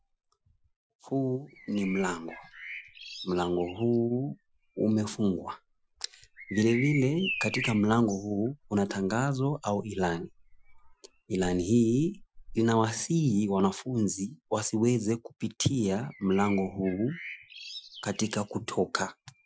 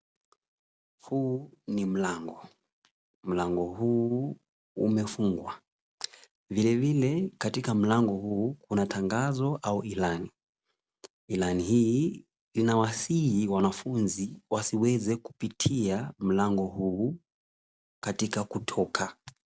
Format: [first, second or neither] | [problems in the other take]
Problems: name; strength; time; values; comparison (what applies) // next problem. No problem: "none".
second | noise reduction (classical method Wiener filter)